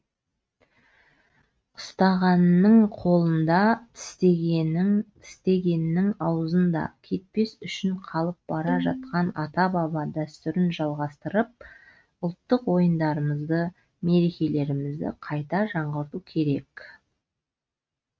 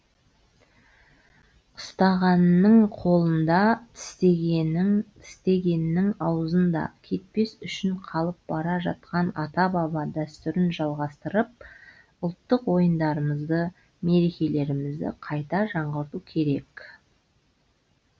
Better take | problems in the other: second | noise reduction (neural mask model RNNoise)

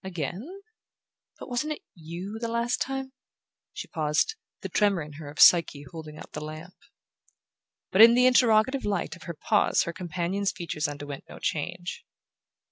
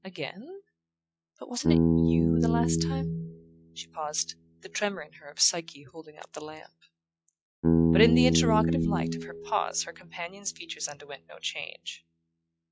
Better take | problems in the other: first | noise reduction (classical method log-MMSE)

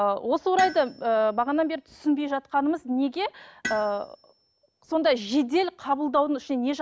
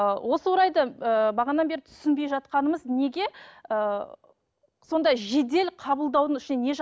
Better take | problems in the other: second | background sound (Tools); 17 dB below the speech

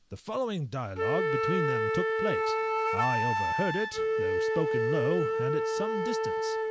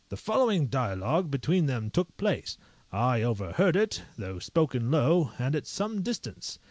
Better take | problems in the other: second | background sound (Wind instrument, woodwind instrument); 5 dB above the speech

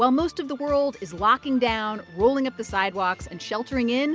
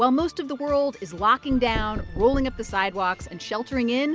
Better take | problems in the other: first | background sound (Knock); 12 dB below the speech

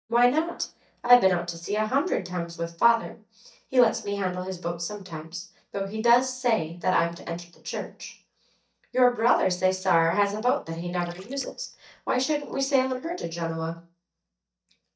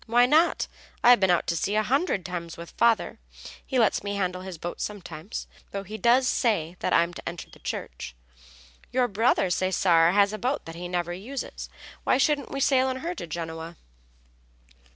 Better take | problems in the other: second | noise reduction (neural mask model DeepFilterNet 3)

